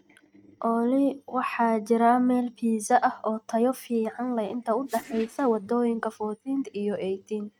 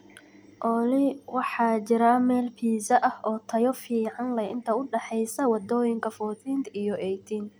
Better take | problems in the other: second | noise reduction (neural mask model RNNoise)

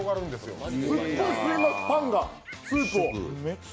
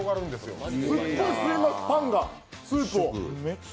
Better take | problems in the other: second | background sound (Bird); 8 dB below the speech

